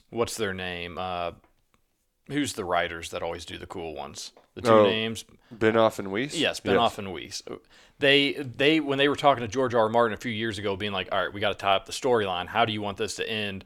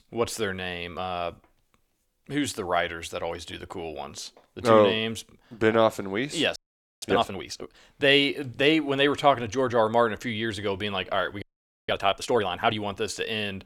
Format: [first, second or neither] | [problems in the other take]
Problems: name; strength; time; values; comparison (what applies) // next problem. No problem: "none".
first | audio freezing; at 6.5 s and at 11 s